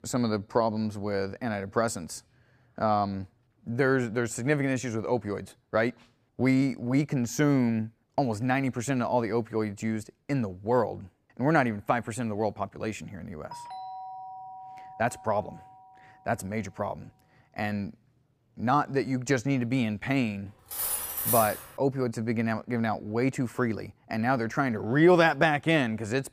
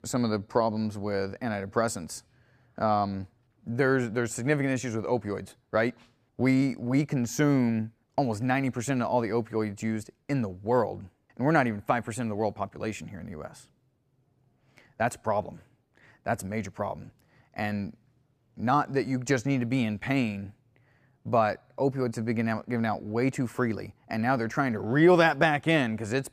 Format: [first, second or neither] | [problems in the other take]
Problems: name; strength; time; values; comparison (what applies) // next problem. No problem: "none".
second | doorbell; faint; from 14 to 16 s; peak 10 dB below the speech // clattering dishes; loud; at 21 s; peak 1 dB above the speech